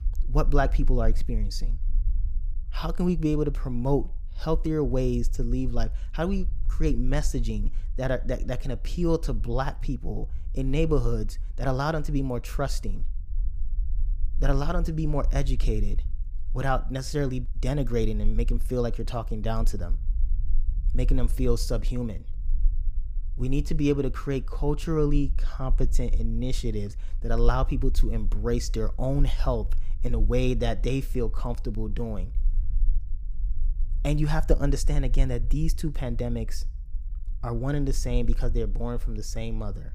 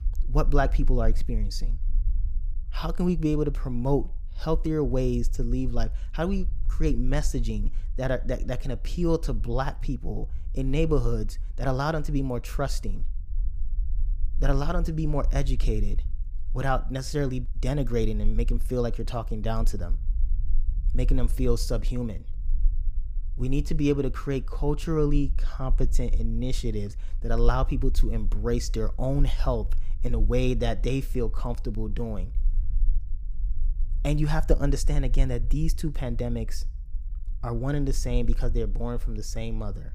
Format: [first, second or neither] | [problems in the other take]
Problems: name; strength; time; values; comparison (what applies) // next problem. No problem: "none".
neither | low rumble; faint; throughout; 25 dB below the speech; the same in both